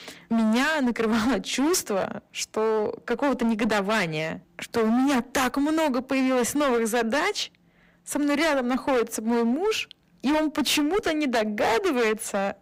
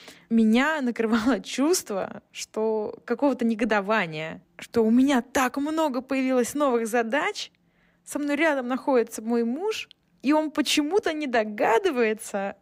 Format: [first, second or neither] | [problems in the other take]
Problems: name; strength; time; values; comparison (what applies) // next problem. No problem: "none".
second | distortion; heavy; 23% of the sound clipped